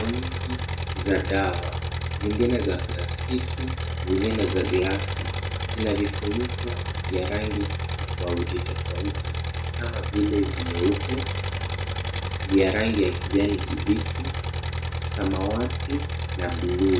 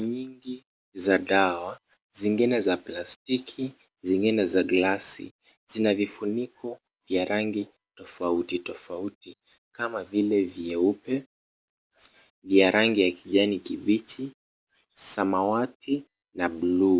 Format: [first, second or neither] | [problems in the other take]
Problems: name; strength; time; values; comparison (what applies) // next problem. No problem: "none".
second | background sound (Engine); 1 dB below the speech // room echo; dies away in 0.4 s